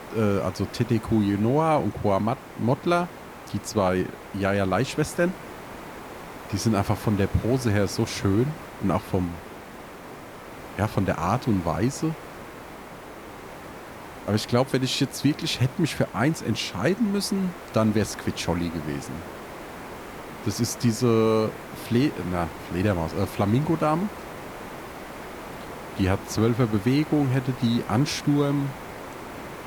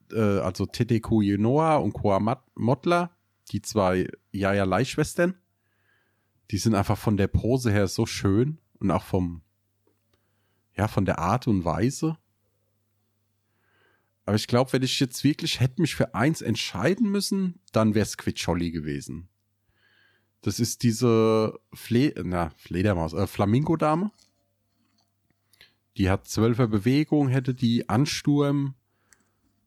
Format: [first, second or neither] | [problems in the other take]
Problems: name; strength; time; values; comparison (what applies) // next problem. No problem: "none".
second | hiss; noticeable; throughout; 15 dB below the speech